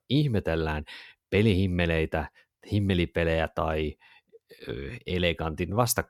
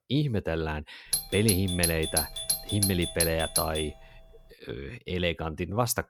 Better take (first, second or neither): first